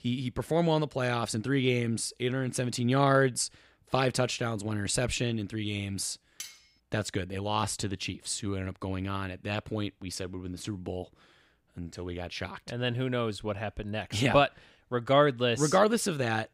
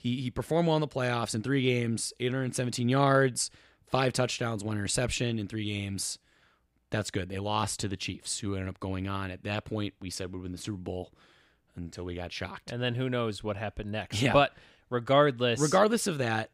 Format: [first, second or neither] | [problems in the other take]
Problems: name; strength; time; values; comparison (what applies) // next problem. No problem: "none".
second | clattering dishes; faint; at 6.5 s; peak 15 dB below the speech